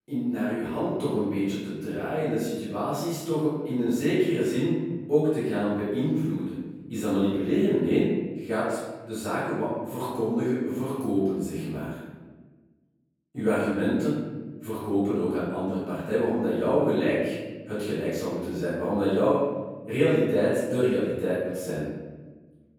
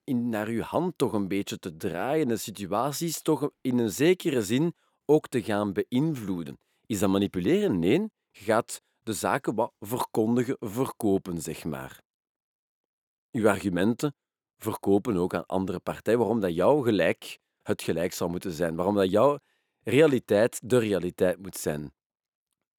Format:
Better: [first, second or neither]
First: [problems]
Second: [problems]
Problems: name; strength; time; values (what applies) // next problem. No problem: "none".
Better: second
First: room echo; strong; dies away in 1.3 s // off-mic speech; far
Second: none